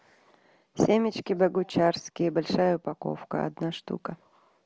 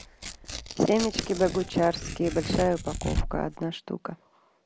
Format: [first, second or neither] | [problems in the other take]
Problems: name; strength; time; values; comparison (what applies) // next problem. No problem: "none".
first | background sound (Tearing); 7 dB below the speech